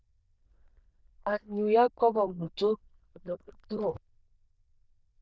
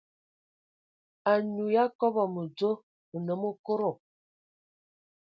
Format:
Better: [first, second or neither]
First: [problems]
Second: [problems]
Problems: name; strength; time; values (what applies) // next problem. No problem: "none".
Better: second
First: noise reduction (neural diffusion model UNIVERSE++)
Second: none